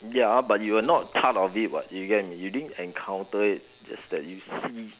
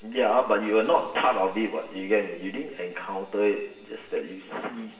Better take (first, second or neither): first